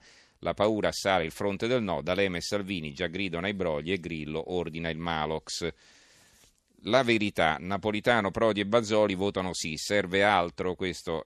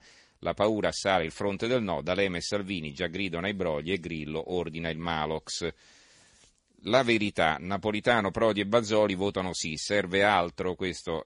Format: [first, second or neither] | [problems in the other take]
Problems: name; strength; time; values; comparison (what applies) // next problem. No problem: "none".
first | garbled, watery; slightly; nothing above 10.5 kHz